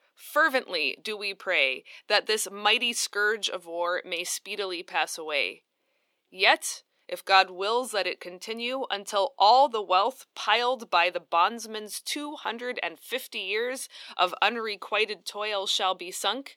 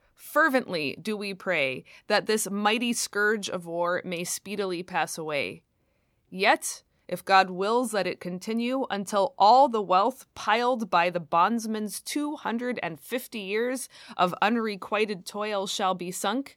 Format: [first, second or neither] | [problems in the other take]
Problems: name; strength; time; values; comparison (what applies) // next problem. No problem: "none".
second | thin; somewhat; fading below 350 Hz